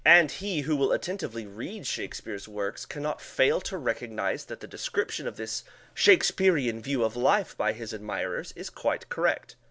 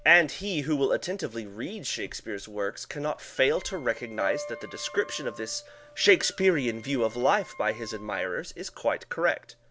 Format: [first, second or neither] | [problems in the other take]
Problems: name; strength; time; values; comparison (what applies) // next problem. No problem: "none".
first | background sound (Piano + Wind instrument, woodwind instrument); 18 dB below the speech